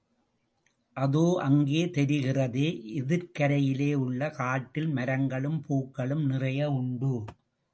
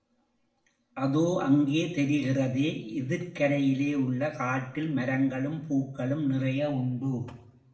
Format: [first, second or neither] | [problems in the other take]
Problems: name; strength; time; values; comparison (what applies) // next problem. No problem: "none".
first | room echo; dies away in 0.7 s